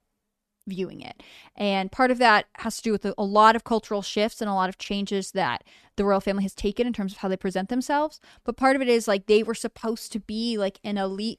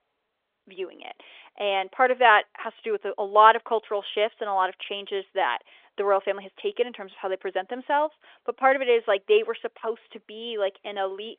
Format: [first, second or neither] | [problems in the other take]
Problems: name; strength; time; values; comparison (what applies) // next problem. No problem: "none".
first | phone-call audio; nothing above 3.5 kHz